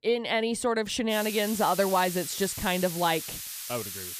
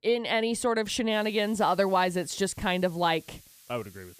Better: second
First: hiss; loud; from 1 s on; 8 dB below the speech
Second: hiss; faint; from 1 s on; 25 dB below the speech

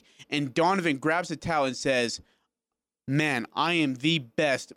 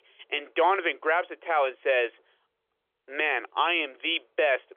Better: first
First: none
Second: phone-call audio; nothing above 3.5 kHz

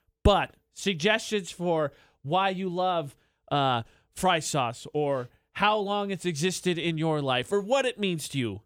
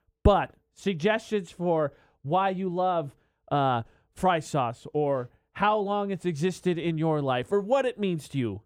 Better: first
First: none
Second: muffled; slightly; fading above 2 kHz

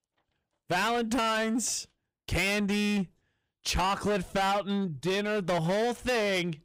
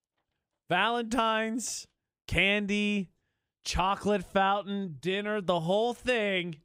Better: second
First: distortion; heavy; 18% of the sound clipped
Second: none

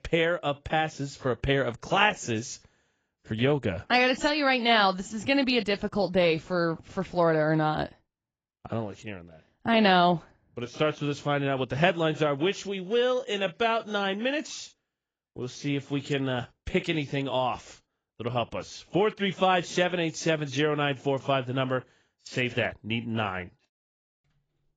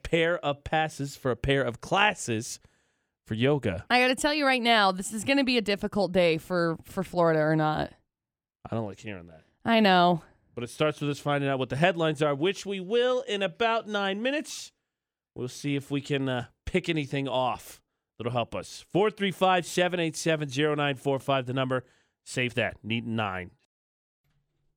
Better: second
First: garbled, watery; badly; nothing above 7.5 kHz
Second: none

